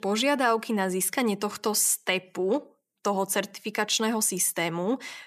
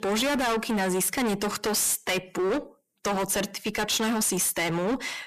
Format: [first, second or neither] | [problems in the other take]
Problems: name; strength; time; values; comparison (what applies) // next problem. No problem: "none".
first | distortion; heavy; 30% of the sound clipped